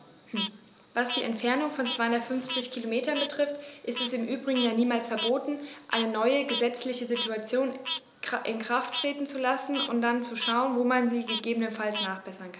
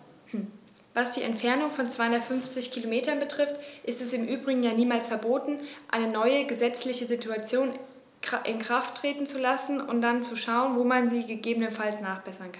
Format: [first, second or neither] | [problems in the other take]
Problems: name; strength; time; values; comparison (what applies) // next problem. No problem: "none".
second | background sound (Frog); 9 dB below the speech